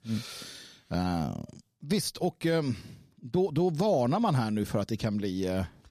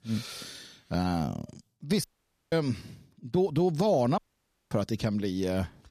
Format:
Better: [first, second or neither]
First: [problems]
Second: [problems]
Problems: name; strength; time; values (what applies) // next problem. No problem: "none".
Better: first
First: none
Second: audio cutting out; at 2 s and at 4 s for 0.5 s